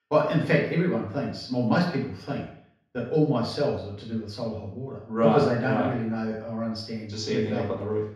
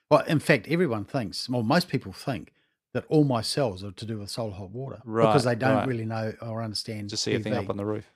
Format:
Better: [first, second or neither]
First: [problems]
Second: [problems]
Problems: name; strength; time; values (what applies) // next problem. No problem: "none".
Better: second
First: room echo; noticeable; dies away in 0.6 s // off-mic speech; far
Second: none